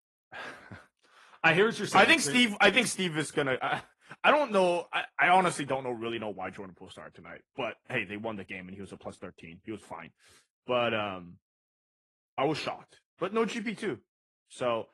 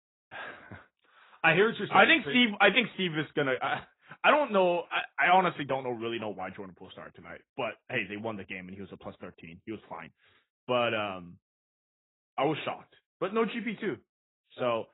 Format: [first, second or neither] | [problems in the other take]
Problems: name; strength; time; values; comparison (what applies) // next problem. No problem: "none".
first | garbled, watery; badly; nothing above 3.5 kHz; slightly in the first